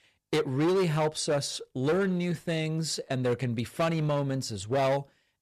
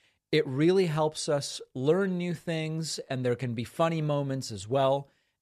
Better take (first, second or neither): second